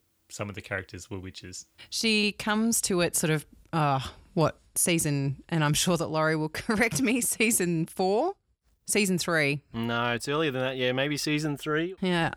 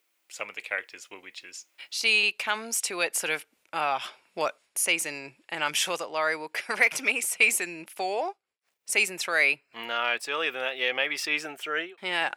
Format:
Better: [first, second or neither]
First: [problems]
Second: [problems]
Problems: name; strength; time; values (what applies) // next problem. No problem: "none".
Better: first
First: none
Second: thin; very; fading below 650 Hz